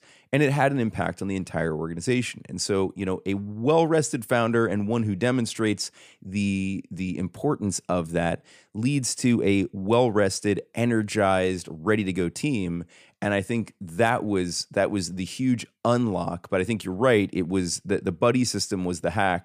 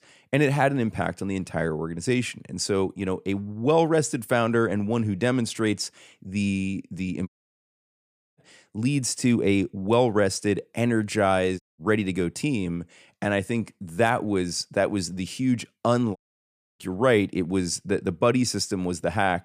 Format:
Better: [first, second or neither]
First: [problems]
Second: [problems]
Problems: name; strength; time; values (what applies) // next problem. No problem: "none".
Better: first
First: none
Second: audio cutting out; at 7.5 s for 1 s, at 12 s and at 16 s for 0.5 s